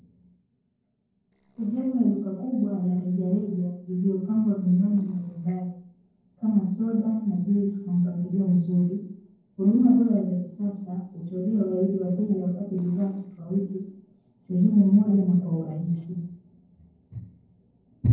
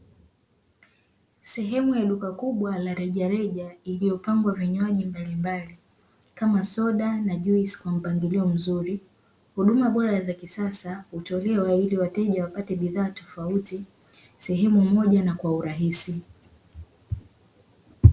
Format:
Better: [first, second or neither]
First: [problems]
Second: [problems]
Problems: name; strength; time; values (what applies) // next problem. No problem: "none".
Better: second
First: noise reduction (neural separator model SepFormer DNS4)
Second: none